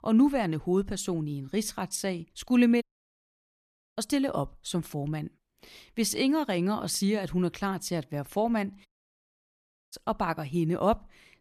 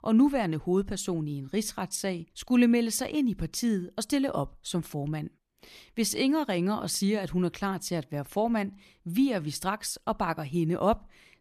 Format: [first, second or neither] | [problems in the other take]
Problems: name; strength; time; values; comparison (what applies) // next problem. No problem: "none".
second | audio cutting out; at 3 s for 1 s and at 9 s for 1 s